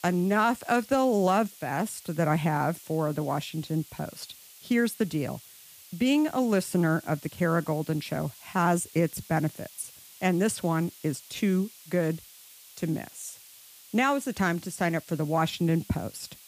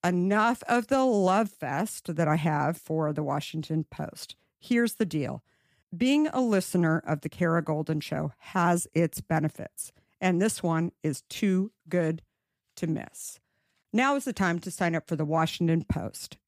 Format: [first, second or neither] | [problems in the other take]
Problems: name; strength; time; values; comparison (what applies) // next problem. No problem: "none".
second | hiss; noticeable; throughout; 20 dB below the speech